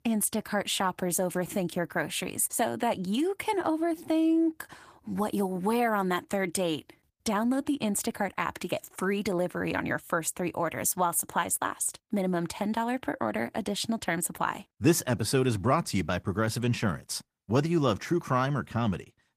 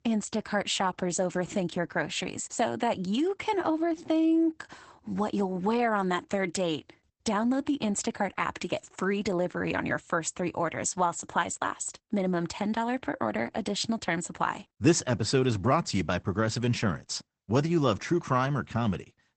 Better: first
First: garbled, watery; slightly; nothing above 15 kHz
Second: garbled, watery; badly; nothing above 8 kHz

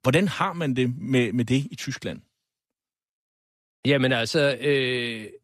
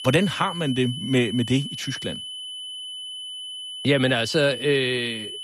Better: first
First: none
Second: high-pitched whine; loud; throughout; 3 kHz, 9 dB below the speech

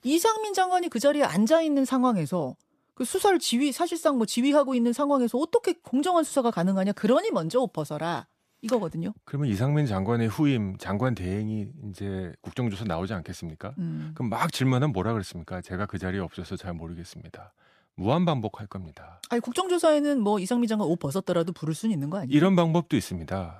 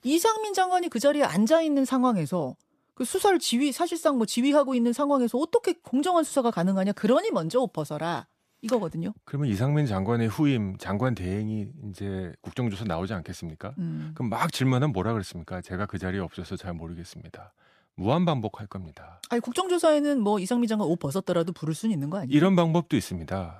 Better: neither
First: none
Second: none

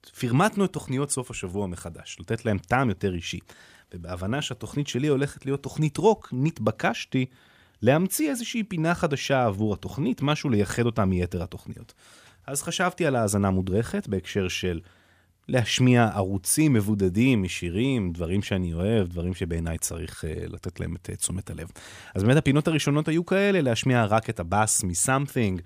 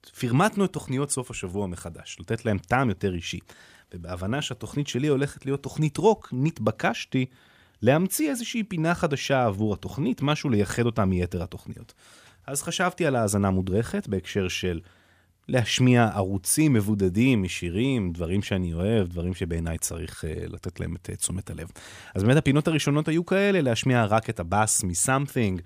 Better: neither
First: none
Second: none

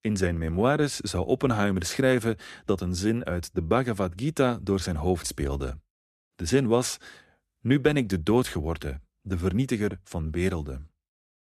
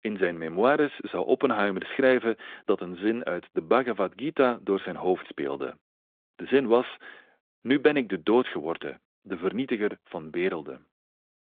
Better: first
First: none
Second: phone-call audio; nothing above 3.5 kHz

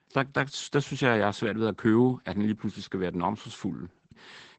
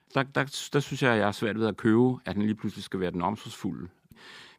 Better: second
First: garbled, watery; badly; nothing above 8 kHz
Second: none

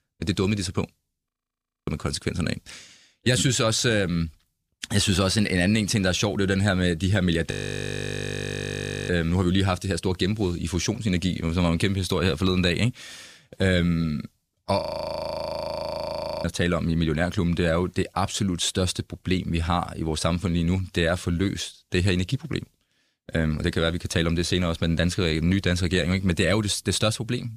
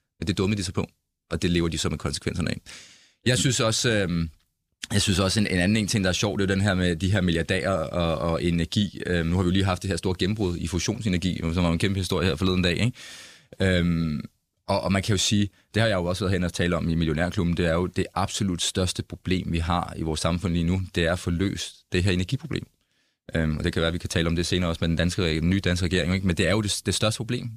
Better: second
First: audio freezing; at 1.5 s for 0.5 s, at 7.5 s for 1.5 s and at 15 s for 1.5 s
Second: none

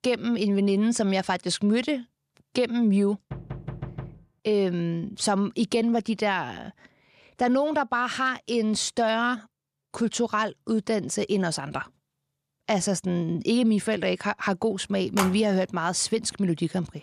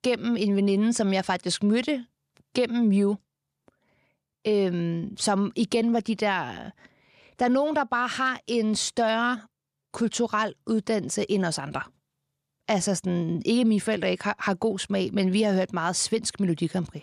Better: second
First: door banging; faint; at 3.5 s; peak 10 dB below the speech // phone ringing; noticeable; at 15 s; peak 4 dB below the speech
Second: none

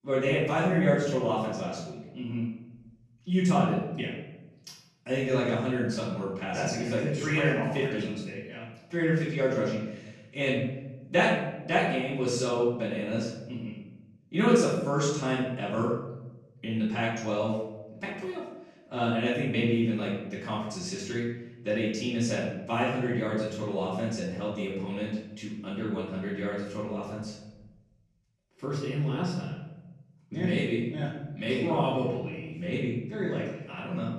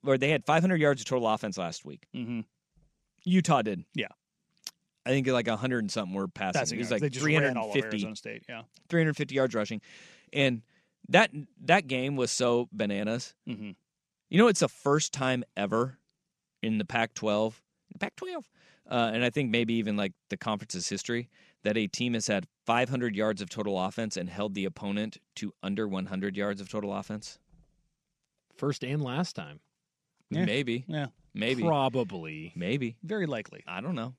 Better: second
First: off-mic speech; far // room echo; noticeable; dies away in 1 s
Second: none

